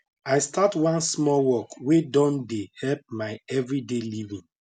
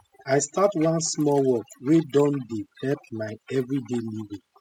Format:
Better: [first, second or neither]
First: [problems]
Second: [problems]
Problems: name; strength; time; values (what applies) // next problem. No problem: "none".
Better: first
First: none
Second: noise reduction (classical method spectral subtraction)